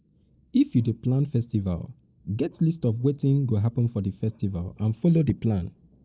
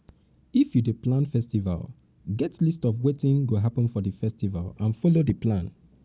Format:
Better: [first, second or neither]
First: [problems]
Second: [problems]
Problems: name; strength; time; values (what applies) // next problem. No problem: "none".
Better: second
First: noise reduction (neural mask model Resemble Enhance denoiser)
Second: none